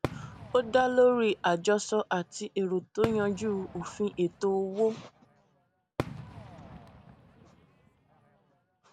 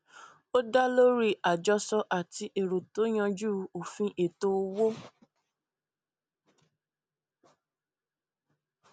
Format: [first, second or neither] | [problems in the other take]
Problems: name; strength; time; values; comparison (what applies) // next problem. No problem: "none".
second | background sound (Fireworks); 13 dB below the speech